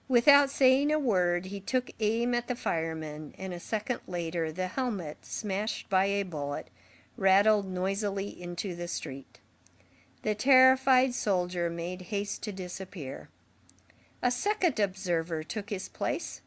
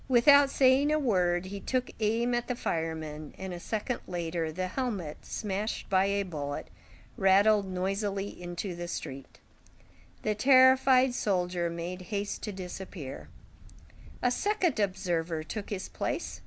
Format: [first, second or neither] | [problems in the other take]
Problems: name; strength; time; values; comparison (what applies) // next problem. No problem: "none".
first | background sound (Livestock, farm animals, working animals); 19 dB below the speech